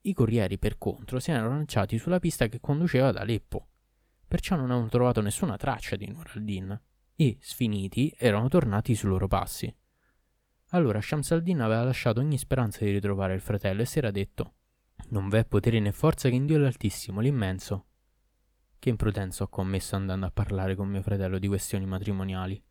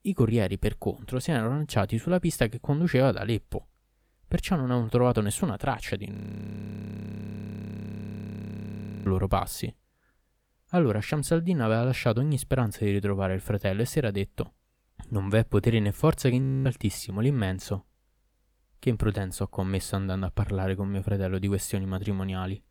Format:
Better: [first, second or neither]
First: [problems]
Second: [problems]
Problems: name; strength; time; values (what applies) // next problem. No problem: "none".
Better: first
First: none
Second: audio freezing; at 6 s for 3 s and at 16 s